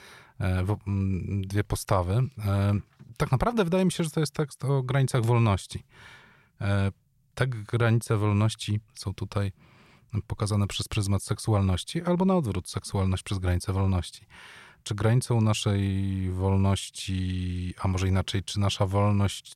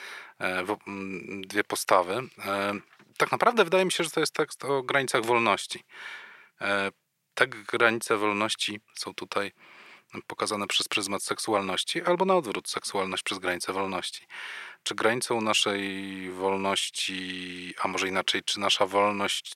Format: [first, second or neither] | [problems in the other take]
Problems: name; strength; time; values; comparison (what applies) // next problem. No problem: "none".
first | thin; very; fading below 300 Hz